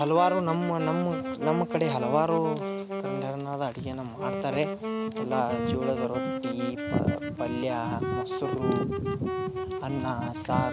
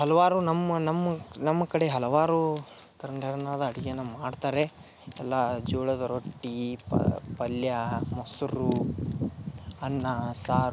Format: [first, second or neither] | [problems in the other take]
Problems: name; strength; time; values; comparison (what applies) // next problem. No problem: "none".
second | background sound (Wind instrument, woodwind instrument); 4 dB below the speech